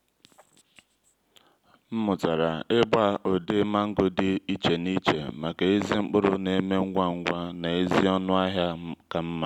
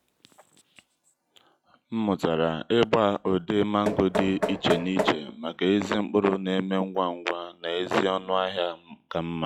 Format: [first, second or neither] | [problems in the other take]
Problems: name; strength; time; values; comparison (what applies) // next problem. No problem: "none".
first | noise reduction (classical method log-MMSE)